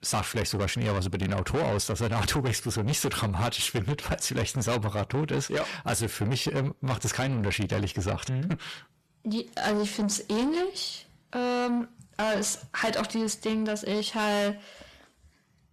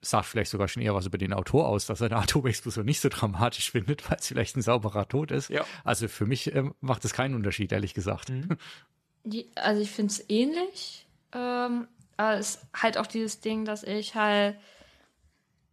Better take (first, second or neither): second